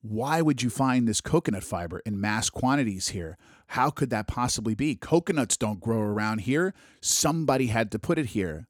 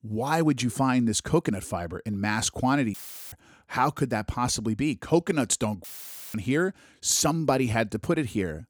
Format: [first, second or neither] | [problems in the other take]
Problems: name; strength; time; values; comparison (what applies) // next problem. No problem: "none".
first | audio cutting out; filled with static; at 3 s and at 6 s for 0.5 s